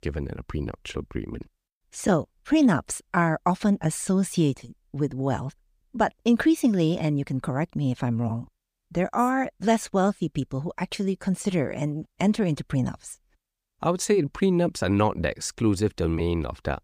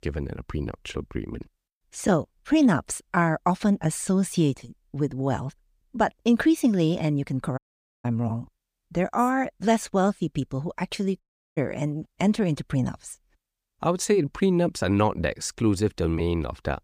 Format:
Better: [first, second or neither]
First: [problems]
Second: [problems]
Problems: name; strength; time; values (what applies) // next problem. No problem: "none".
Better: first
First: none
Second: audio cutting out; at 7.5 s and at 11 s